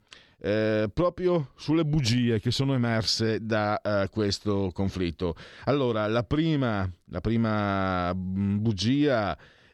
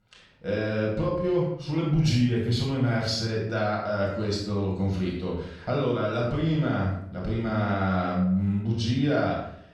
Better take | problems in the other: first | room echo; noticeable; dies away in 0.6 s // off-mic speech; far

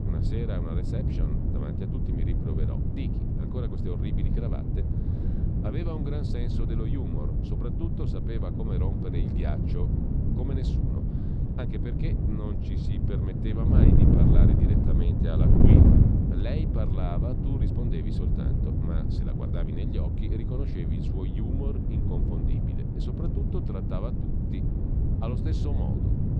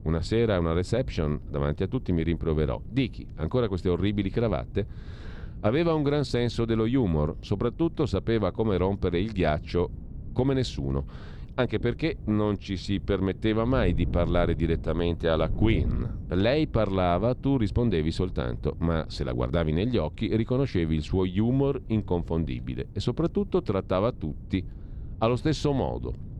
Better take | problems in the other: second | wind noise on the microphone; heavy; 4 dB above the speech; occasional gusts in the second

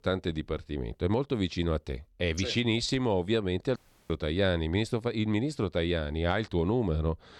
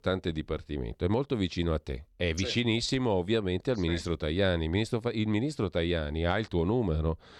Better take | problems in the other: second | audio cutting out; at 4 s

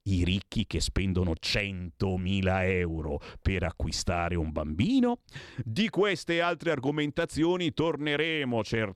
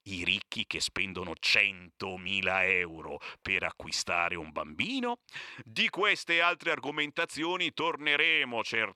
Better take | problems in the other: first | thin; somewhat; fading below 700 Hz

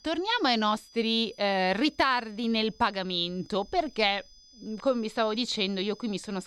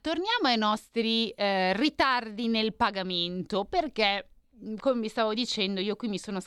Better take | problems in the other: second | high-pitched whine; faint; throughout; 5 kHz, 25 dB below the speech

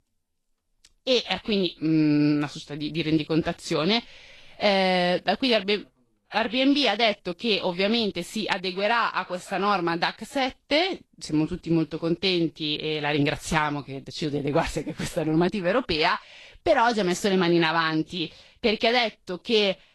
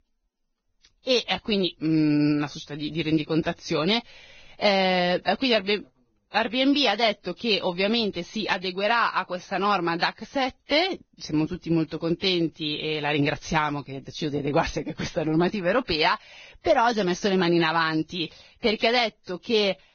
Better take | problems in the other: first | garbled, watery; badly; nothing above 6.5 kHz; slightly in the first

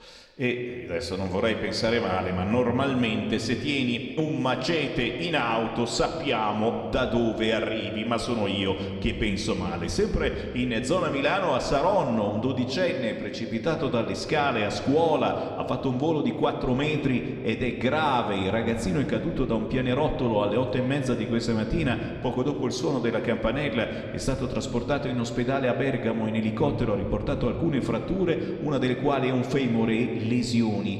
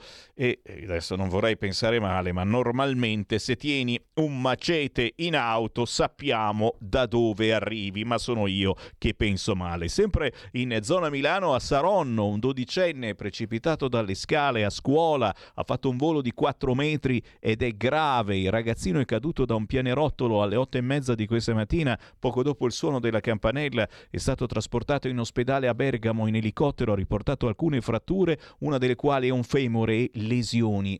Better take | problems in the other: second | room echo; slight; dies away in 1.9 s

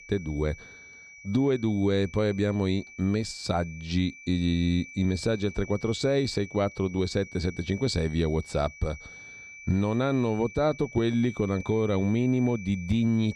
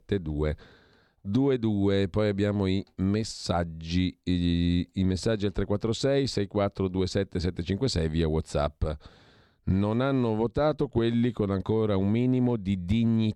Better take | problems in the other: second | high-pitched whine; noticeable; throughout; 2.5 kHz, 15 dB below the speech

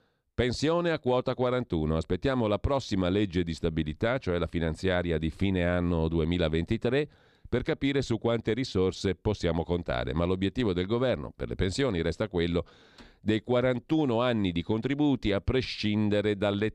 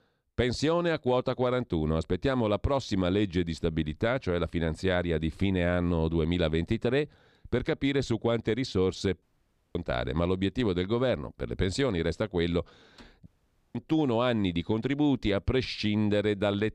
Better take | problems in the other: first | audio cutting out; at 9 s for 0.5 s and at 13 s

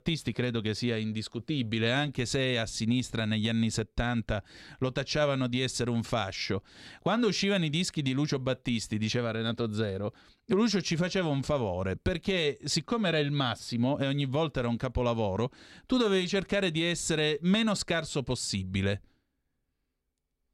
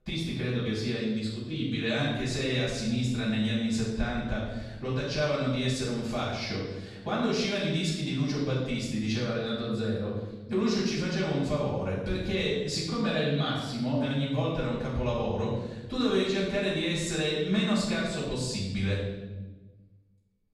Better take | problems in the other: first | room echo; noticeable; dies away in 1 s // off-mic speech; far

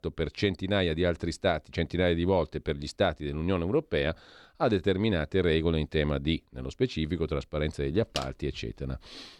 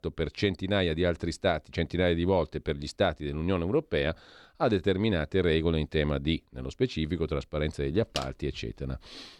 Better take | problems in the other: neither | none

